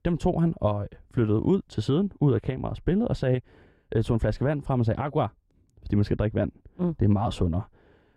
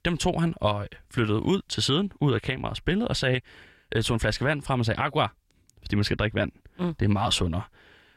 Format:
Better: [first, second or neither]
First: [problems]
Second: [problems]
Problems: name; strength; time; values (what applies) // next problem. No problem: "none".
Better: second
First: muffled; slightly; fading above 1 kHz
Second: none